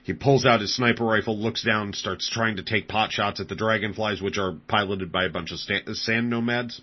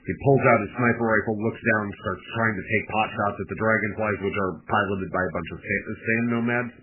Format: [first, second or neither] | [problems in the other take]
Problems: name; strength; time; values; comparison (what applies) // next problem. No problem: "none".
first | garbled, watery; badly; nothing above 3 kHz; slightly in the first